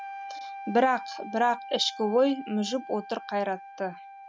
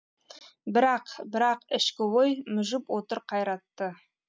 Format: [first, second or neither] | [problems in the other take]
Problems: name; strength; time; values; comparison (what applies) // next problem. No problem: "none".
second | background sound (Wind instrument, woodwind instrument); 13 dB below the speech